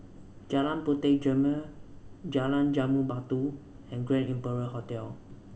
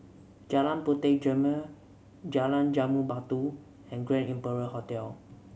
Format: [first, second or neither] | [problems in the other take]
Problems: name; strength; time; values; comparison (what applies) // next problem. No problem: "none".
second | background sound (Subway, metro, underground); 19 dB below the speech // room echo; dies away in 0.7 s